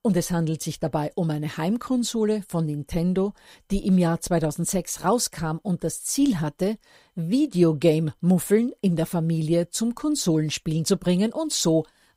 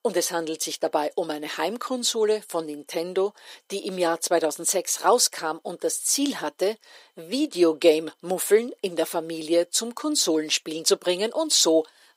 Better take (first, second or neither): first